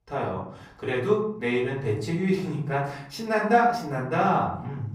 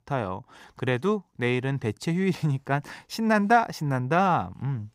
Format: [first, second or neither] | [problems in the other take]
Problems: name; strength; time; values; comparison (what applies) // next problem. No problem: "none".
second | off-mic speech; far // room echo; slight; dies away in 0.6 s